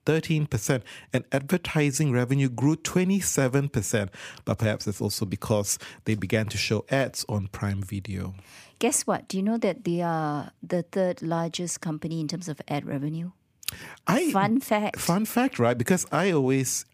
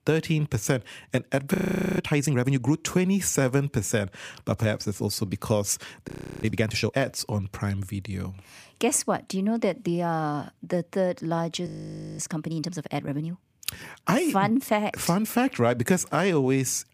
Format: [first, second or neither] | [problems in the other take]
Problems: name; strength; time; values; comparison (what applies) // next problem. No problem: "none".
first | audio freezing; at 1.5 s, at 6 s and at 12 s for 0.5 s